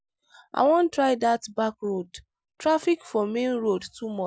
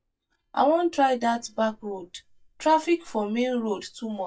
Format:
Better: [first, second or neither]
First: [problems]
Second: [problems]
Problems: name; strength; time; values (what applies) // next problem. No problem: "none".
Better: first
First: none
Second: noise reduction (neural mask model DeepFilterNet 3)